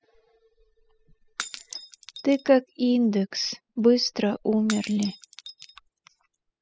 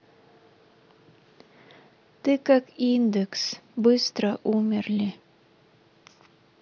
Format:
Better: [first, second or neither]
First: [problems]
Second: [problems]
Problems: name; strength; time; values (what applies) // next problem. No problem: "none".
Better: second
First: noise reduction (classical method spectral subtraction)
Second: none